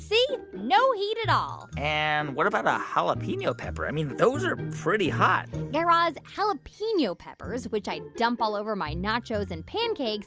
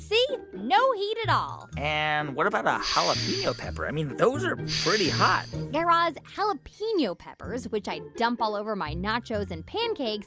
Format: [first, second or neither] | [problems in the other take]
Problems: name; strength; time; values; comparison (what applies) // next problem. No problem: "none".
first | background sound (Respiratory sounds); 6 dB below the speech